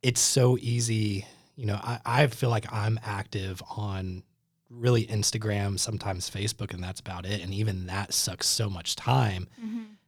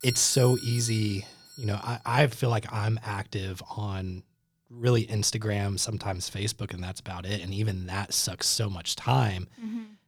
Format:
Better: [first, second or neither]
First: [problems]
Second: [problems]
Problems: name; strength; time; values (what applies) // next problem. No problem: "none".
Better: first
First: none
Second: doorbell; noticeable; until 2 s; peak 6 dB below the speech